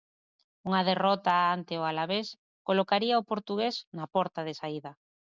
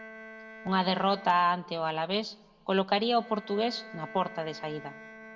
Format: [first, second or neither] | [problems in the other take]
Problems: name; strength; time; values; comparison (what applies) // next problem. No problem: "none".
first | background sound (Bowed string instrument); 18 dB below the speech // room echo; dies away in 0.7 s